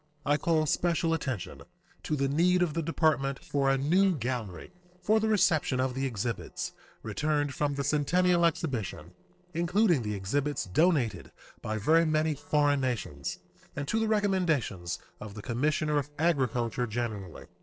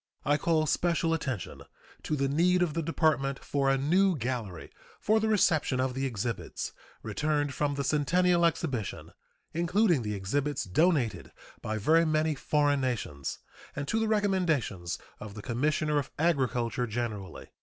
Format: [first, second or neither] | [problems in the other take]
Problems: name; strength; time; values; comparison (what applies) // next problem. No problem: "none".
second | noise reduction (neural separator model SepFormer DNS4)